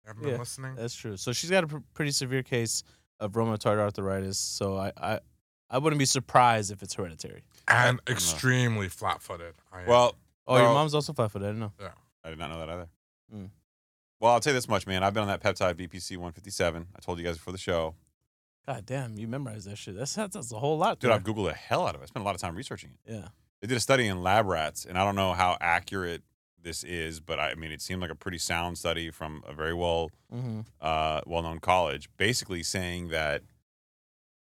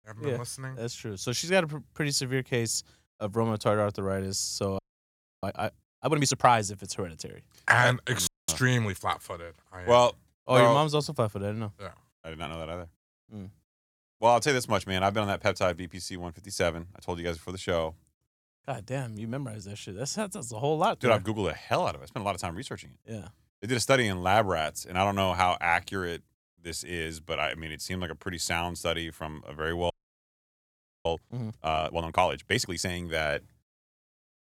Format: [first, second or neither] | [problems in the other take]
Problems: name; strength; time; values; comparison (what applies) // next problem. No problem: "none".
first | audio freezing; at 5 s for 0.5 s, at 8.5 s and at 30 s for 1 s